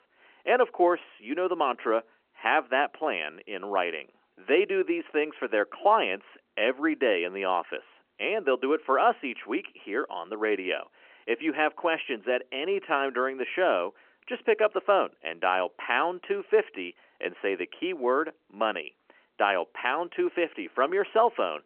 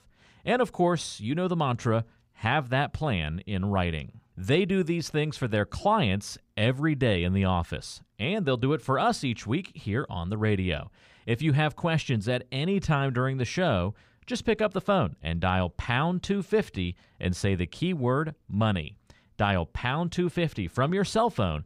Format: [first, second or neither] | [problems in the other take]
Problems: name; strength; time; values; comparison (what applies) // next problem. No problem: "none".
second | phone-call audio; nothing above 3 kHz